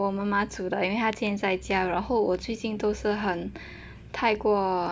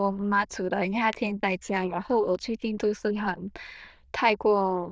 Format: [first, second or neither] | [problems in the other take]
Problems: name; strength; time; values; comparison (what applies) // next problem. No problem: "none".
first | noise reduction (neural diffusion model UNIVERSE++)